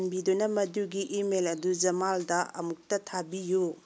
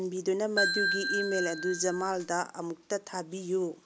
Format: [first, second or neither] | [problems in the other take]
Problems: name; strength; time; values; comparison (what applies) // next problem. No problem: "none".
first | background sound (Ringtone / Bell); as loud as the speech